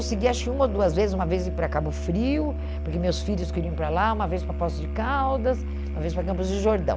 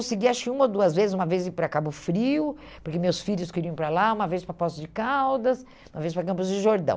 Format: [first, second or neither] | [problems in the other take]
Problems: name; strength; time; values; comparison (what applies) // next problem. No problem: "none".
second | background sound (Musical instrument); 3 dB below the speech